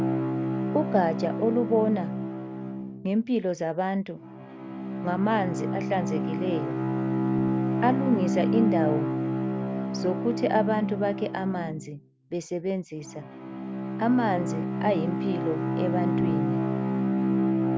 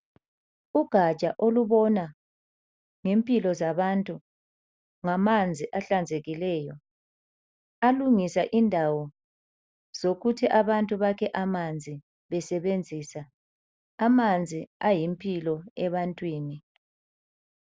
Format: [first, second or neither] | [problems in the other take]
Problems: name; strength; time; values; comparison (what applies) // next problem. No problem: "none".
second | background sound (Bowed string instrument); 1 dB above the speech